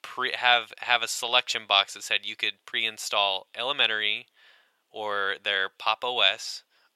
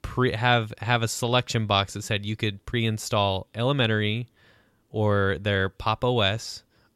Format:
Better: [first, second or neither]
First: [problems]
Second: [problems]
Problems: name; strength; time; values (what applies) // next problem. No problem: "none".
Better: second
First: thin; very; fading below 700 Hz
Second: none